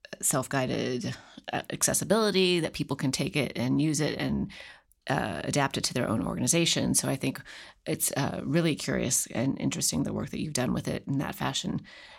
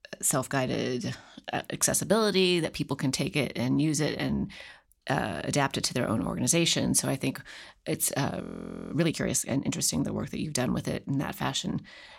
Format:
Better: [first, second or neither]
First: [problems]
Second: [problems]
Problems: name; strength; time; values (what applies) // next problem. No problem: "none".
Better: first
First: none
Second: audio freezing; at 8.5 s